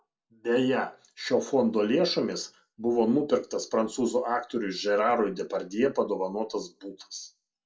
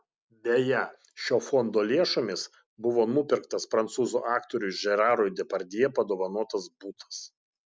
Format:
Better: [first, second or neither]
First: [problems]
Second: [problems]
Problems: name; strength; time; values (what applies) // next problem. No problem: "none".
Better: second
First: room echo; dies away in 0.2 s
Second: none